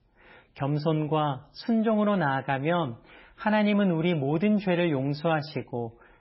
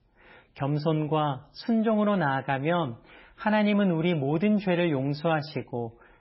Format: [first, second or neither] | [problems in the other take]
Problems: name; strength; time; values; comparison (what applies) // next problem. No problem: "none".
neither | garbled, watery; badly; nothing above 5.5 kHz; the same in both